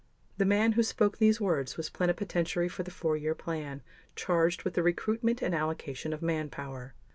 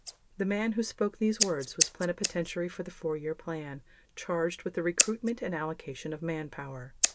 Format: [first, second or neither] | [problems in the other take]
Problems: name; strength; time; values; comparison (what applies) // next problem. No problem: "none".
first | background sound (Scissors); 2 dB below the speech